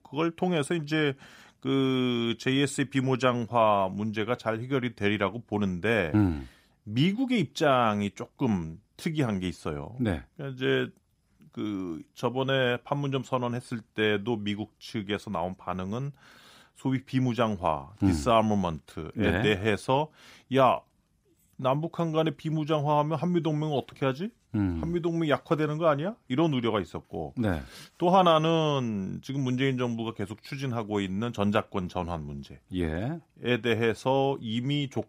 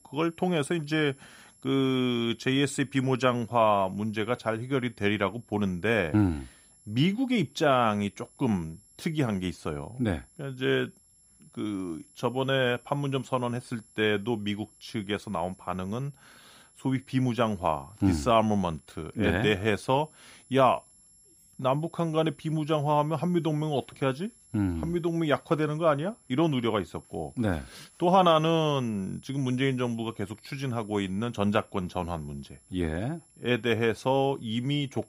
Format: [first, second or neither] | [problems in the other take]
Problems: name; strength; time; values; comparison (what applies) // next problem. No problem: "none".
first | high-pitched whine; faint; throughout; 11 kHz, 30 dB below the speech